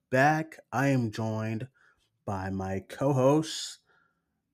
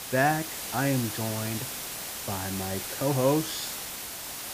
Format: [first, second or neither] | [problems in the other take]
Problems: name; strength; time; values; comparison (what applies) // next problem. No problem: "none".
first | hiss; loud; throughout; 4 dB below the speech